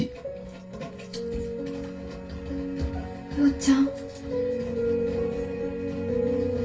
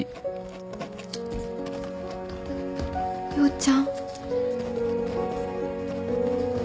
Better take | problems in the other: second | room echo; dies away in 0.2 s

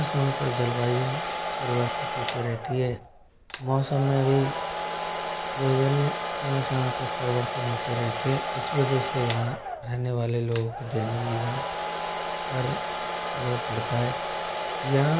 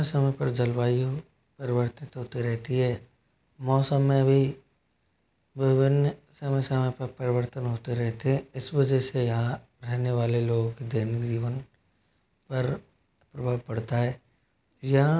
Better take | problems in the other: second | background sound (Domestic sounds, home sounds); 3 dB below the speech

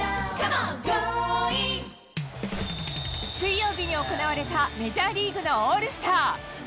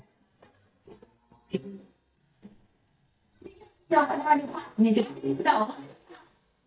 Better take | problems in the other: first | noise reduction (neural mask model DeepFilterNet 3)

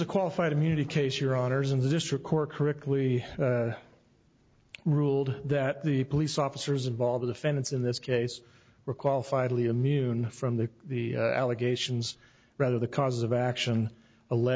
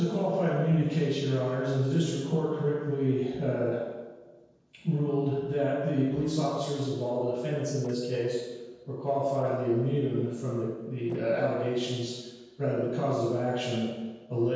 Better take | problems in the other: first | noise reduction (neural separator model SepFormer DNS4)

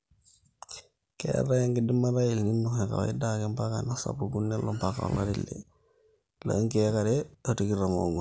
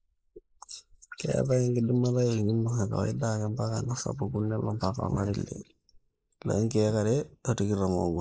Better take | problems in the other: first | noise reduction (neural mask model Resemble Enhance denoiser)

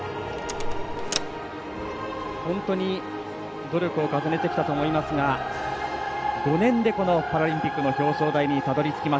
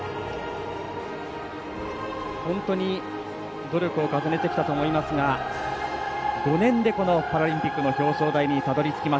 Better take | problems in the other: second | background sound (Door); 4 dB below the speech

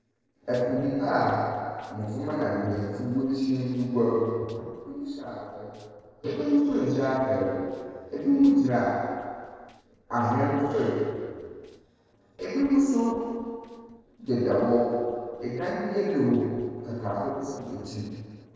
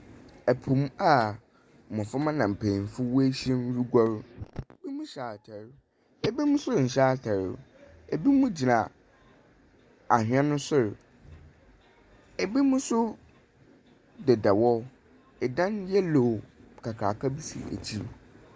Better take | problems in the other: second | noise reduction (neural separator model SepFormer DNS4)

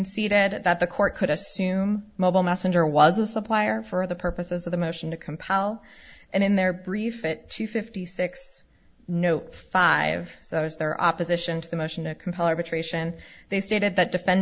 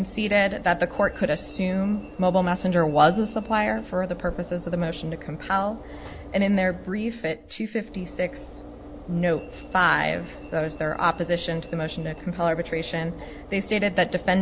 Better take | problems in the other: first | background sound (Alarm / Engine / Train); 15 dB below the speech

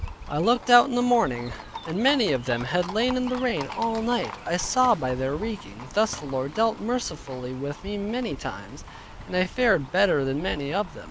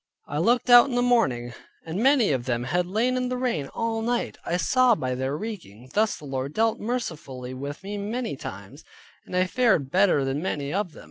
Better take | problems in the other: second | background sound (Chirp, tweet + Livestock, farm animals, working animals); 14 dB below the speech

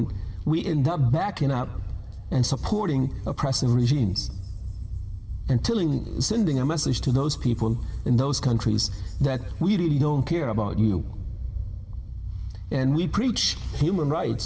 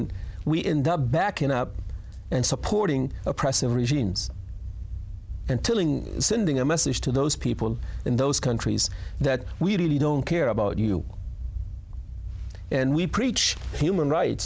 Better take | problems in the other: second | room echo; dies away in 2.4 s

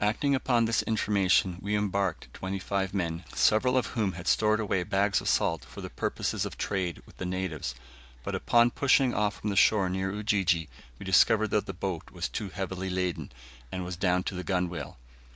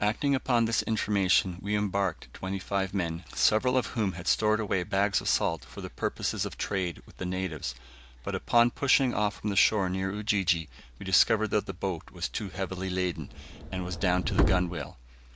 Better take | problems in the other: first | background sound (Subway, metro, underground); 3 dB below the speech

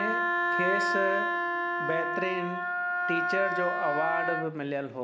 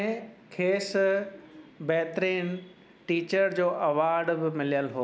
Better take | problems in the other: second | background sound (Wind instrument, woodwind instrument); 3 dB above the speech

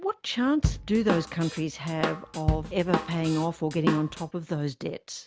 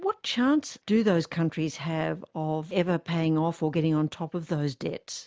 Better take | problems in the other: second | background sound (Drum / Drum kit); 3 dB below the speech

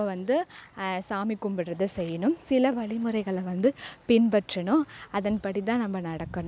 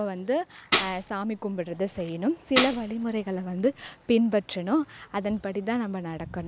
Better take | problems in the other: first | background sound (Tambourine); 4 dB below the speech

